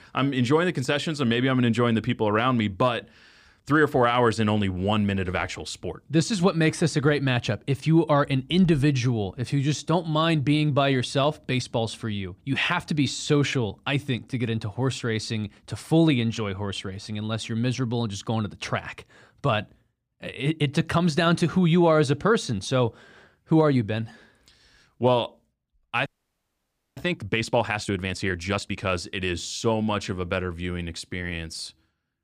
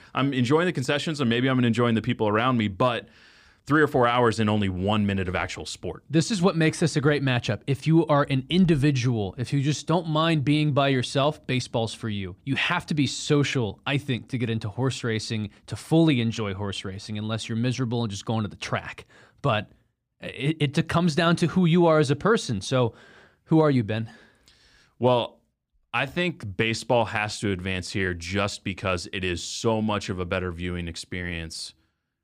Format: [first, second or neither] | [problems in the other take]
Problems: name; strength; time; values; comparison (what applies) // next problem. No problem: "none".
second | audio freezing; at 26 s for 1 s